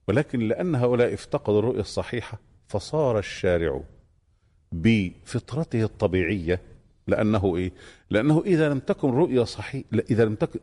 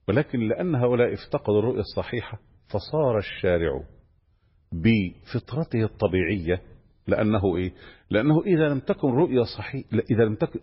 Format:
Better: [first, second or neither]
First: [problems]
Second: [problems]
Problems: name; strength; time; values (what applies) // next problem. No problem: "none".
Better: first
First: garbled, watery; slightly; nothing above 10.5 kHz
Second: garbled, watery; badly; nothing above 5.5 kHz